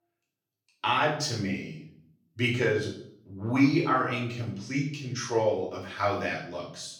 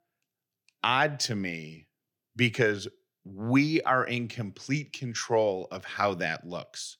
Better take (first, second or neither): second